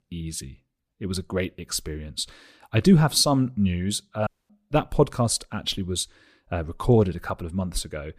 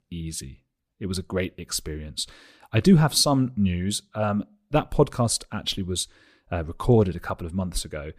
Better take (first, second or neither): second